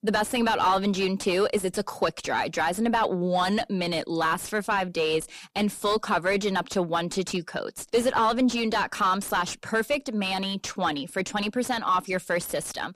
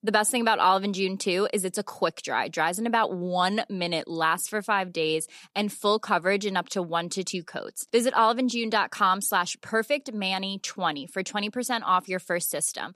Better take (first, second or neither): second